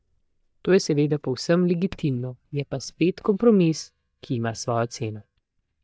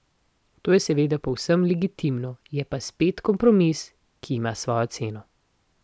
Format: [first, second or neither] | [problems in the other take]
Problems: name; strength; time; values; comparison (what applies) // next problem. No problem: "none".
second | noise reduction (neural mask model DeepFilterNet 3)